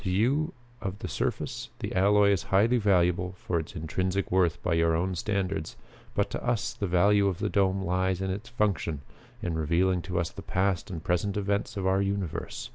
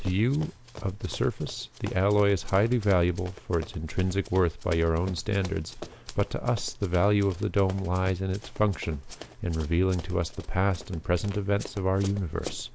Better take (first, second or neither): first